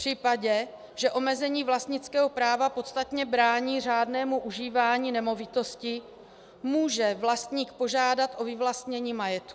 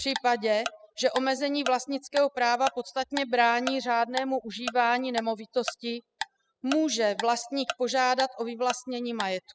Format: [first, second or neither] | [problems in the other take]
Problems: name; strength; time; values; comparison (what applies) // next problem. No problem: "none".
first | noise reduction (classical method spectral subtraction)